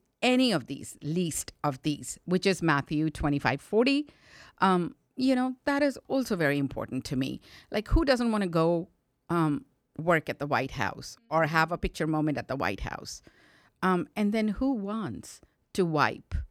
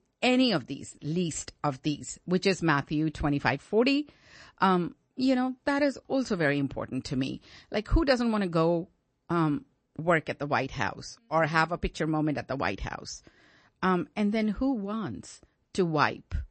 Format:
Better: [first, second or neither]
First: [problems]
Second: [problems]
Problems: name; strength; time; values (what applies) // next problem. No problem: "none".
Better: first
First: none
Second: garbled, watery; slightly; nothing above 8 kHz